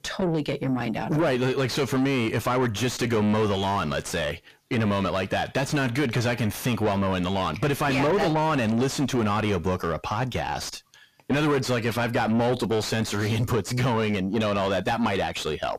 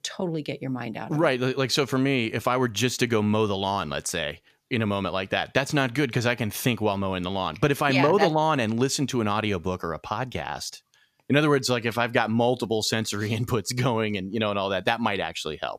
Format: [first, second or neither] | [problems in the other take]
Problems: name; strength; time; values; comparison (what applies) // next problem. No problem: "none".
second | distortion; heavy; 5 dB below the speech